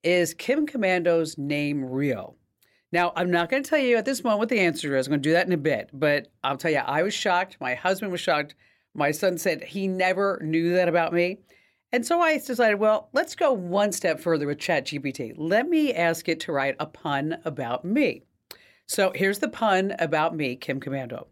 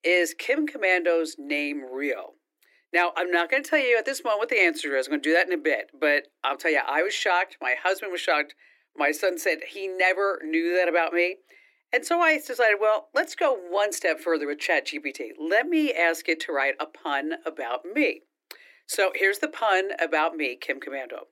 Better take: first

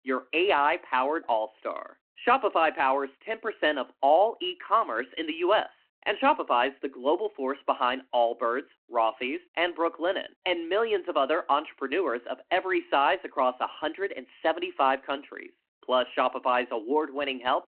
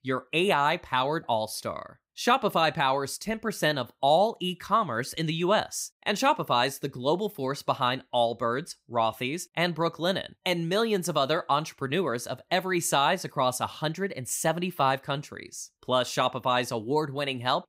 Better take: second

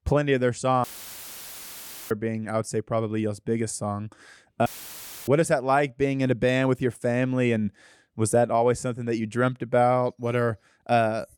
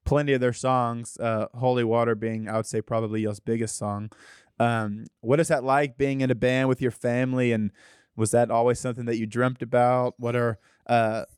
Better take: second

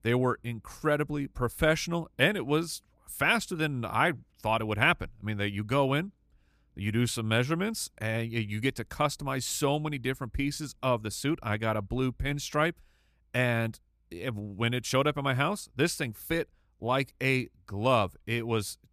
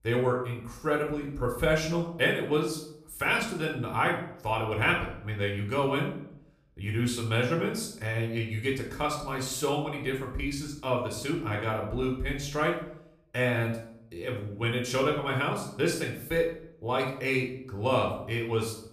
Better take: first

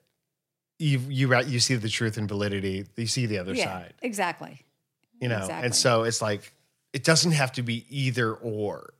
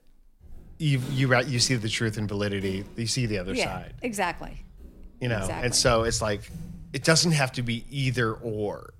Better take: first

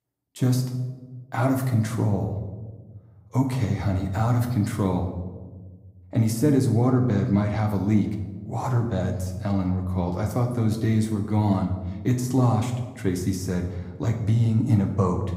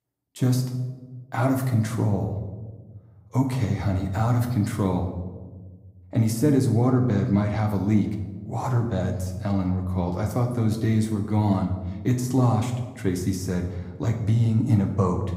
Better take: neither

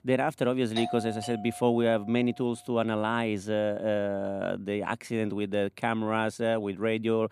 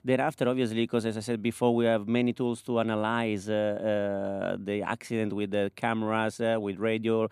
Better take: second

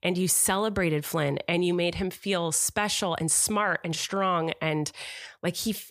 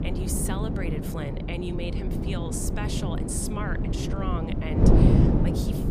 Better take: first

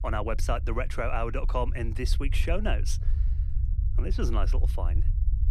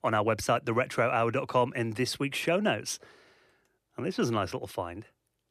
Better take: second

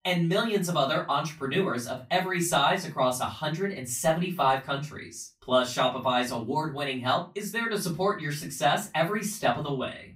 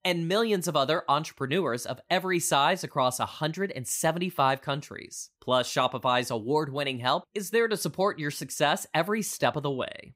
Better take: second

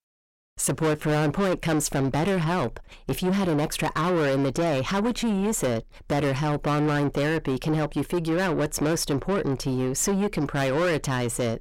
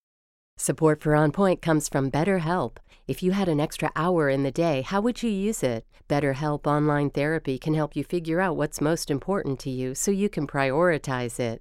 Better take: second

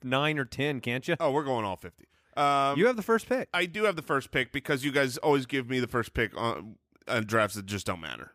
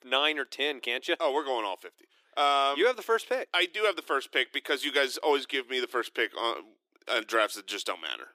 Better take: first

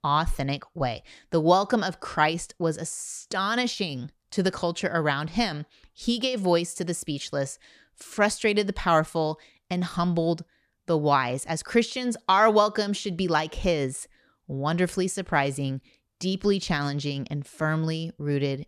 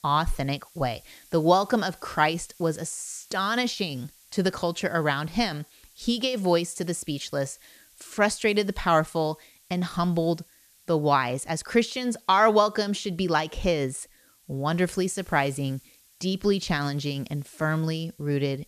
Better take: first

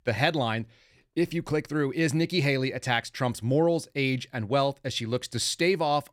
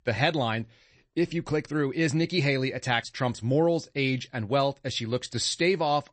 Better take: first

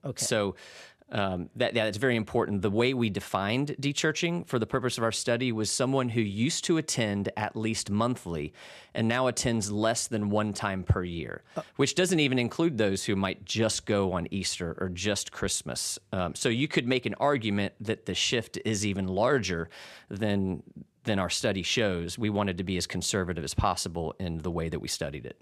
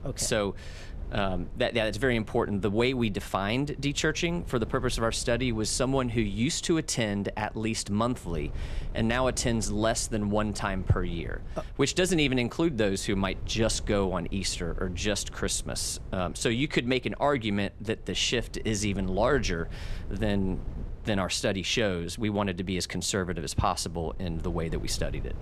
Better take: first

